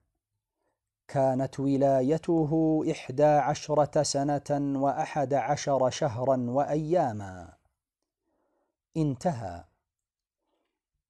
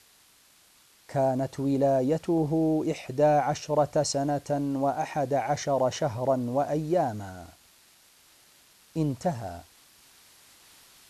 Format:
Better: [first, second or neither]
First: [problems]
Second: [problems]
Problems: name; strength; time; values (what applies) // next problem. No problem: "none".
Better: first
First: none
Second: hiss; faint; throughout; 30 dB below the speech